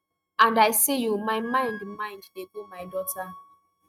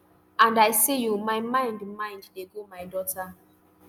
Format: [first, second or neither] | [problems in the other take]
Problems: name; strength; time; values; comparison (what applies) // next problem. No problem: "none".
second | noise reduction (neural mask model RNNoise)